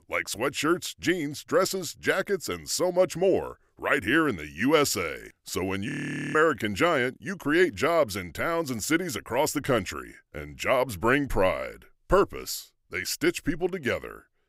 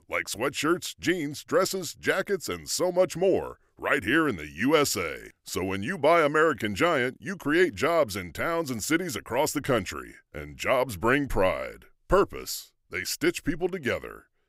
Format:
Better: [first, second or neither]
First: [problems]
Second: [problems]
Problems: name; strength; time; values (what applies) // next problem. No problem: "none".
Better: second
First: audio freezing; at 6 s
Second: none